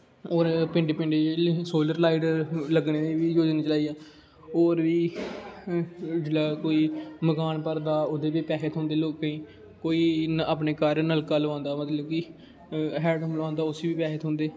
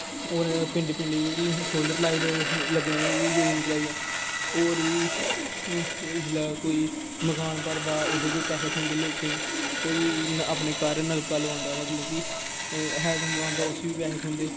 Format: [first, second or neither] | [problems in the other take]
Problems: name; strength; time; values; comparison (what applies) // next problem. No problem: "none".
first | background sound (Sawing); 2 dB below the speech